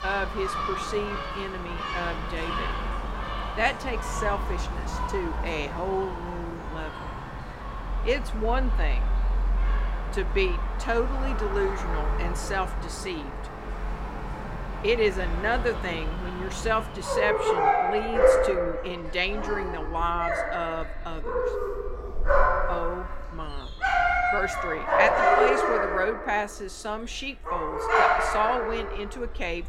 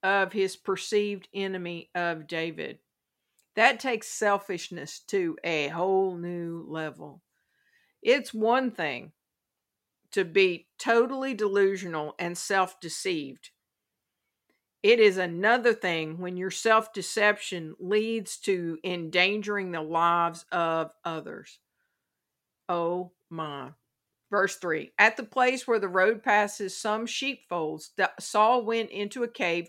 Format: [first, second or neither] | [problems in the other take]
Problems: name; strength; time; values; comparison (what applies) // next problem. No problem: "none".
second | animal sounds; very loud; throughout; 2 dB above the speech